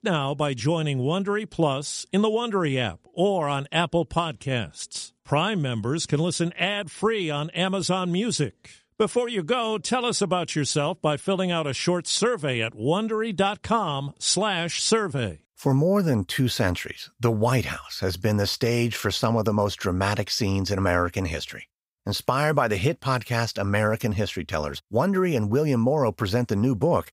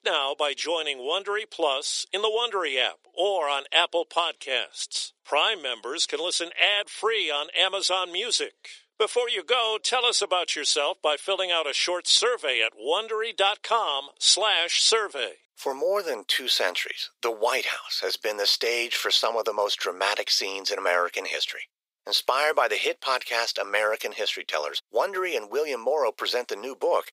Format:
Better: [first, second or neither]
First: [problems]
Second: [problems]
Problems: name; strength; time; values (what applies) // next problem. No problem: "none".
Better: first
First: none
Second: thin; very; fading below 400 Hz